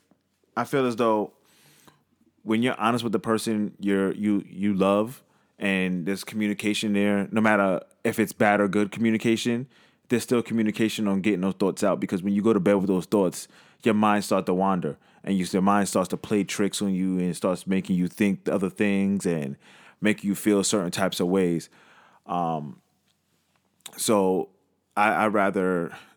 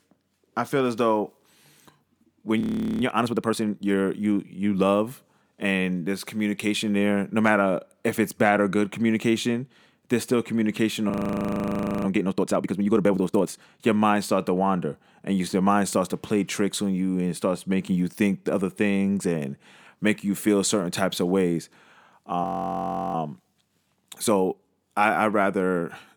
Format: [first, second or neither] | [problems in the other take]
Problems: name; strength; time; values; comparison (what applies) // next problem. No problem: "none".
first | audio freezing; at 2.5 s, at 11 s for 1 s and at 22 s for 0.5 s